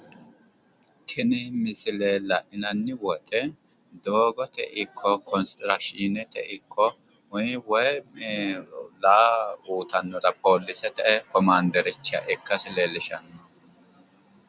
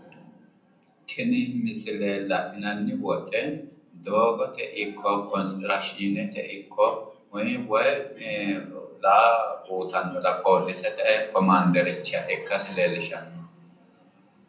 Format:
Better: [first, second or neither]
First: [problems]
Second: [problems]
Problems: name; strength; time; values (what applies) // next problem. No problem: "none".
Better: first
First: none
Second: room echo; dies away in 0.6 s